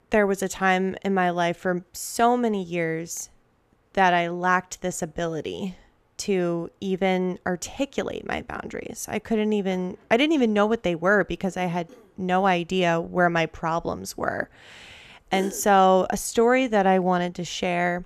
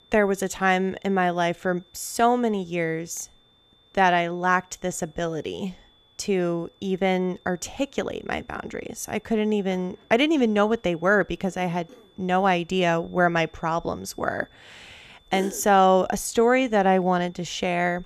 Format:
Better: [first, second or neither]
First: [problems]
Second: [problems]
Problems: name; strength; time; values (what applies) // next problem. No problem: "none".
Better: first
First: none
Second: high-pitched whine; faint; throughout; 3.5 kHz, 35 dB below the speech